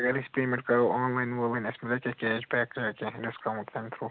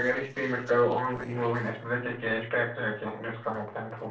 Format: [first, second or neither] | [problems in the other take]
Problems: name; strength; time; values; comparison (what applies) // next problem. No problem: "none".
first | noise reduction (neural separator model SepFormer DNS4)